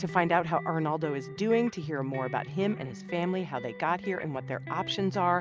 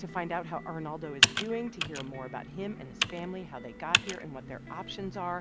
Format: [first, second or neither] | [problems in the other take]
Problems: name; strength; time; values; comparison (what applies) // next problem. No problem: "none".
first | background sound (Computer keyboard); 4 dB above the speech